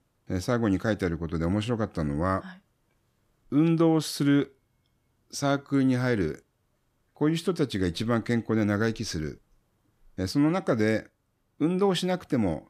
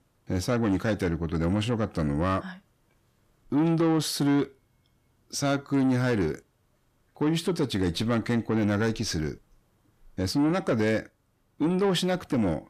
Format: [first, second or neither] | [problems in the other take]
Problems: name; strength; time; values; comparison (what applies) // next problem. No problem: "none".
first | distortion; slight; 10 dB below the speech